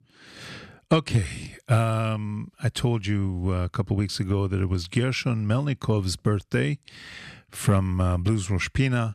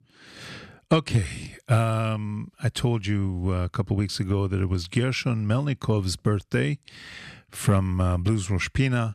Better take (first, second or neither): neither